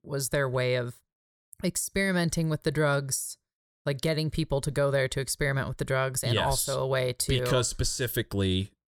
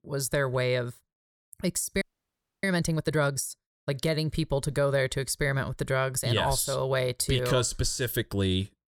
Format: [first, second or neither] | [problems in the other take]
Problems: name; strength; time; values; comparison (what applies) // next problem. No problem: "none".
first | audio freezing; at 2 s for 0.5 s